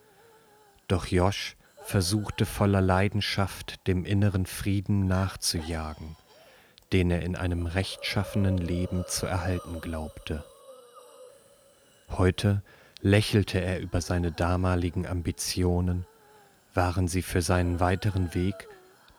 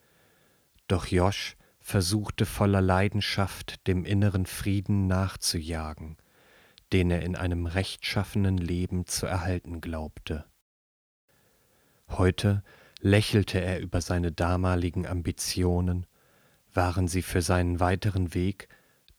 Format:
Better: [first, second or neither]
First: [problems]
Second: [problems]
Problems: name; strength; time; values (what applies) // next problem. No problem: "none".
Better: second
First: hiss; faint; throughout; 20 dB below the speech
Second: none